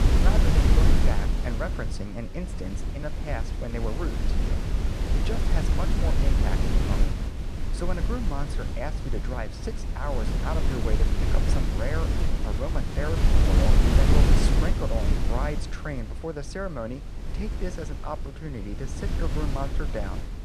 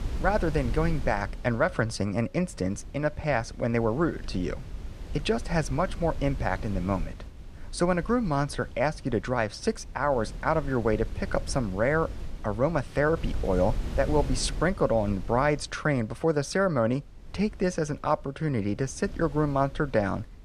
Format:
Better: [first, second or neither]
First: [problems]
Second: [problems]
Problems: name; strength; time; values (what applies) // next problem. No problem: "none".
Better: second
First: wind noise on the microphone; heavy; as loud as the speech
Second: wind noise on the microphone; occasional gusts; 20 dB below the speech